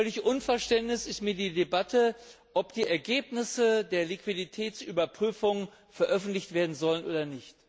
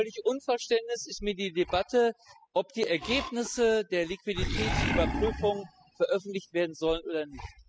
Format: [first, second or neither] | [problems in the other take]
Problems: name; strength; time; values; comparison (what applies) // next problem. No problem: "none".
first | noise reduction (classical method spectral subtraction)